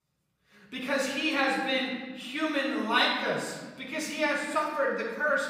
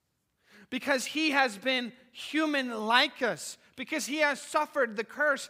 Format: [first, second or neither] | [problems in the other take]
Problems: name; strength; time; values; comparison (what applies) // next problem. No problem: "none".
second | off-mic speech; far // room echo; noticeable; dies away in 1.4 s